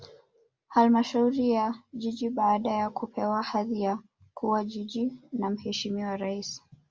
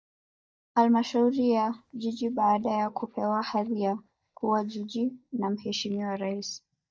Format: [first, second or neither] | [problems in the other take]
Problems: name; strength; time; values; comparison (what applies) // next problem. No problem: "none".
first | noise reduction (neural mask model DeepFilterNet 3)